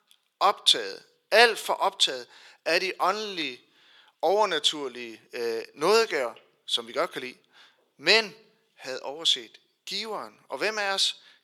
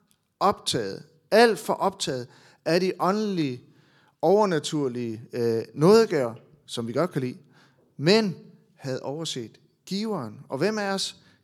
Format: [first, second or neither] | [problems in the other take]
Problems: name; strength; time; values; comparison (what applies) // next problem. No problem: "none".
second | thin; very; fading below 550 Hz